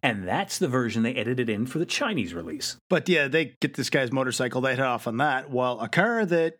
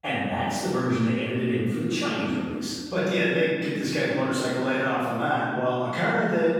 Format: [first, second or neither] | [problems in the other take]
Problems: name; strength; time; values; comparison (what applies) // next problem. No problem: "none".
first | off-mic speech; far // room echo; strong; dies away in 1.5 s